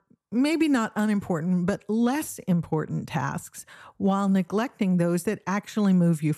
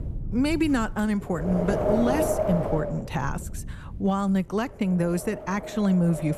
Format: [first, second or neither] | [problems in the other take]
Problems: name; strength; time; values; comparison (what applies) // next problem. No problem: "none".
first | wind noise on the microphone; heavy; 1 dB above the speech